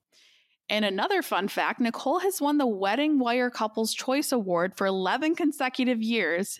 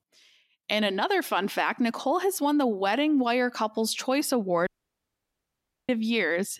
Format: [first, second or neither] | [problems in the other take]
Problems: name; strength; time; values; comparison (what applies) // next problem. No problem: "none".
first | audio cutting out; at 4.5 s for 1 s